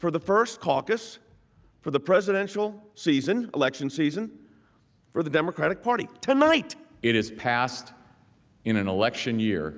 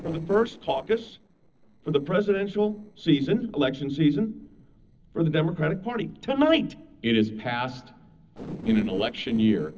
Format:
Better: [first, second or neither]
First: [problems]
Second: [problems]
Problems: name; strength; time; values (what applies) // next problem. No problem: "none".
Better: first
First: none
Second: noise reduction (neural separator model SepFormer DNS4)